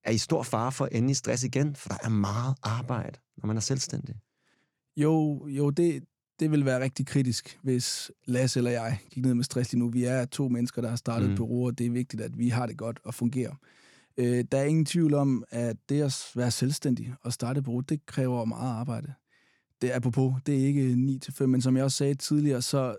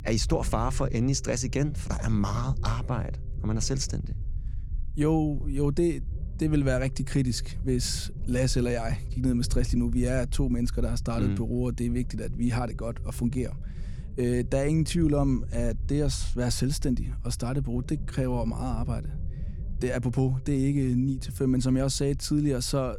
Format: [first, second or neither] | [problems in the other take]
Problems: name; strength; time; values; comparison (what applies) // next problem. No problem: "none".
first | low rumble; noticeable; throughout; 20 dB below the speech